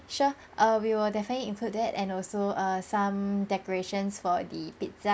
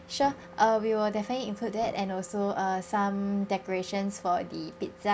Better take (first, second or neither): first